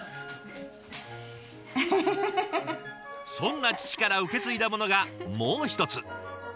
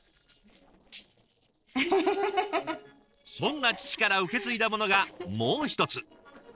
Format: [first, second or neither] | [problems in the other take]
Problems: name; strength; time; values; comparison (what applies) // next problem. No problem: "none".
first | noise reduction (neural separator model SepFormer DNS4)